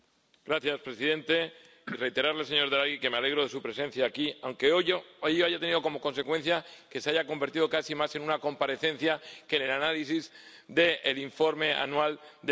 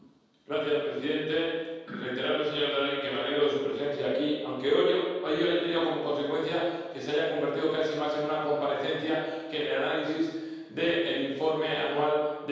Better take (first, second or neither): first